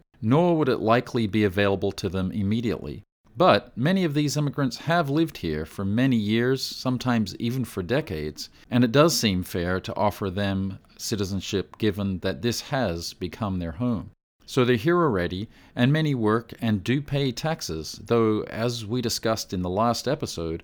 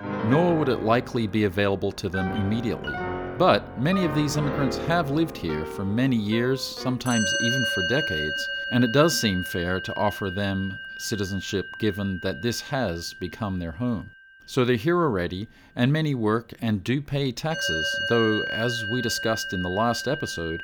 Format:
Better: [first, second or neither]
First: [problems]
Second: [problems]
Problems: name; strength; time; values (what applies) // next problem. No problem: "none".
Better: first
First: none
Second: background music; loud; throughout; 5 dB below the speech